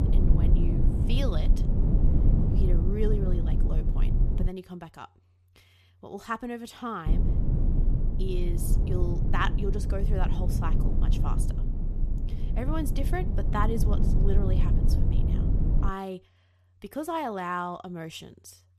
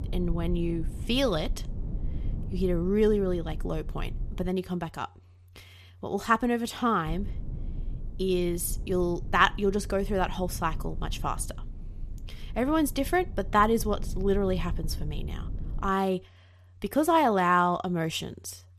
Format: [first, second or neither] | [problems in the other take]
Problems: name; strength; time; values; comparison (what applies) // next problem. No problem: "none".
second | low rumble; loud; until 4.5 s and from 7 to 16 s; 5 dB below the speech; faint in the second